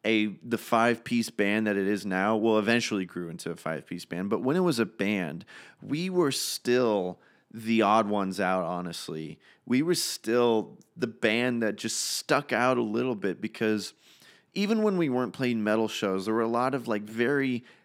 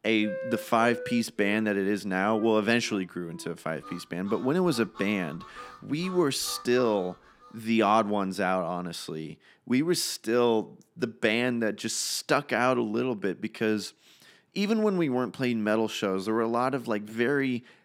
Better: first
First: none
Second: background music; noticeable; until 7.5 s; 15 dB below the speech

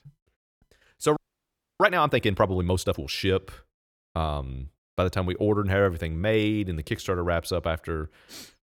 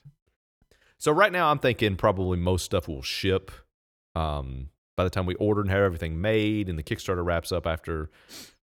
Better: second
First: audio freezing; at 1 s for 0.5 s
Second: none

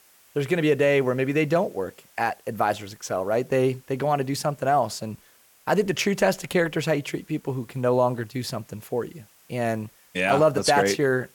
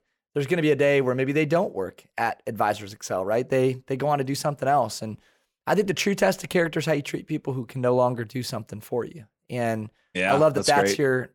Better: second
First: hiss; faint; throughout; 30 dB below the speech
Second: none

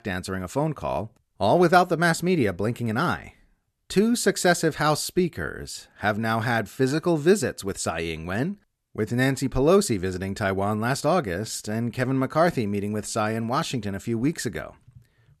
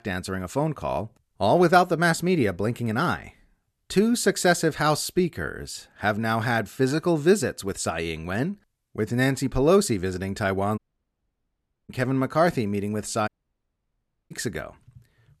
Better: first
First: none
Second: audio cutting out; at 11 s for 1 s and at 13 s for 1 s

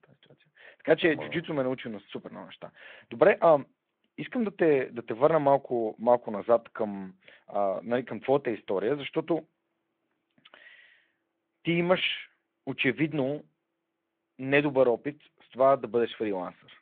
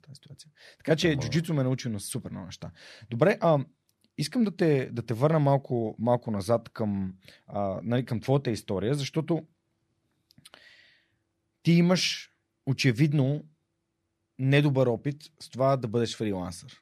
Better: second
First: phone-call audio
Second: none

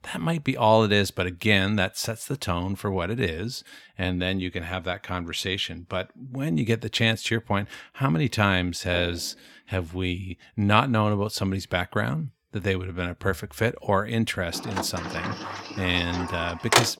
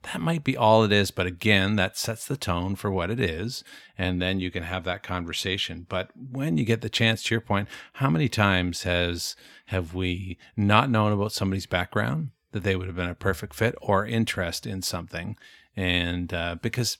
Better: second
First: footsteps; faint; at 9 s; peak 15 dB below the speech // door banging; loud; from 15 s on; peak 5 dB above the speech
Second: none

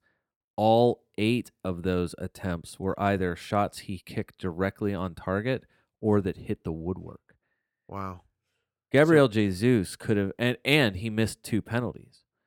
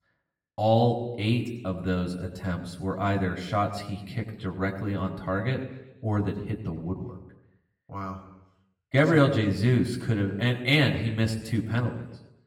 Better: first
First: none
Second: room echo; slight; dies away in 0.9 s // off-mic speech; somewhat distant

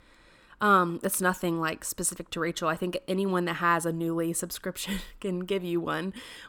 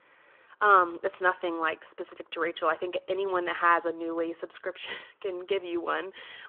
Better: first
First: none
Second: phone-call audio

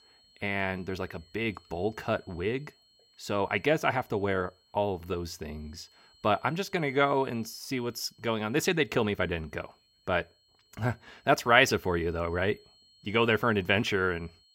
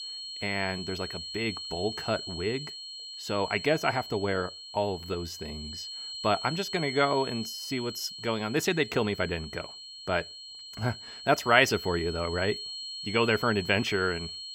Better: first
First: high-pitched whine; faint; throughout; 4 kHz, 30 dB below the speech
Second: high-pitched whine; loud; throughout; 4 kHz, 9 dB below the speech

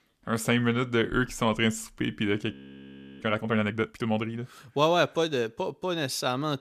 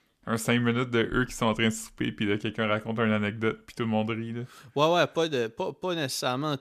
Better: second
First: audio freezing; at 2.5 s for 0.5 s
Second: none

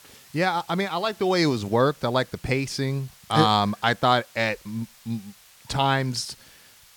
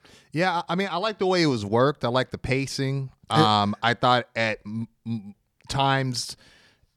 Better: second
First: hiss; faint; throughout; 25 dB below the speech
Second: none

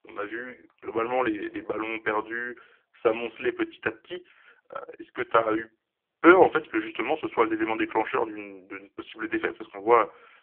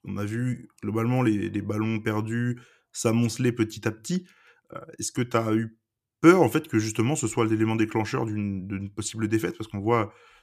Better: second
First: phone-call audio; poor line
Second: none

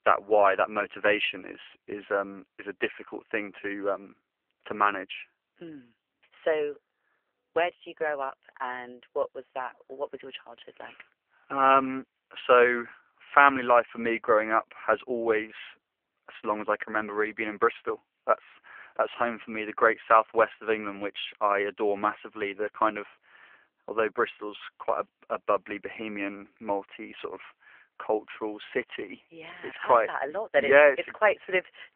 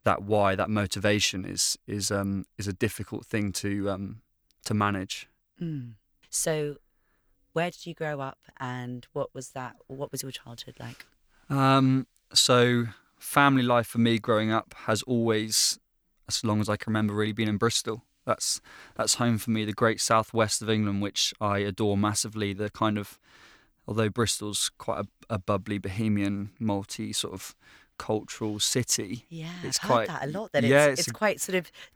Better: second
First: phone-call audio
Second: none

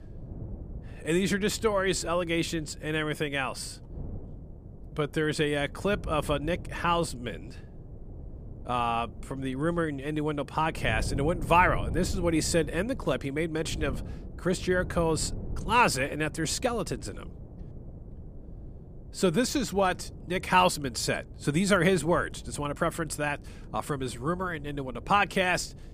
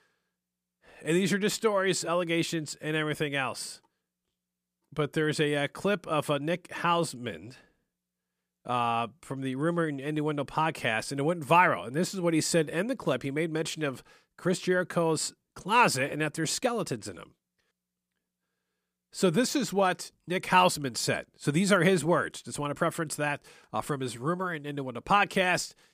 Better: second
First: wind noise on the microphone; occasional gusts; 25 dB below the speech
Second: none

